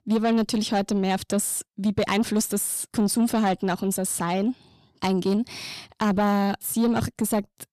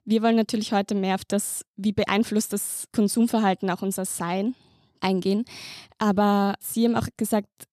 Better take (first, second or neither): second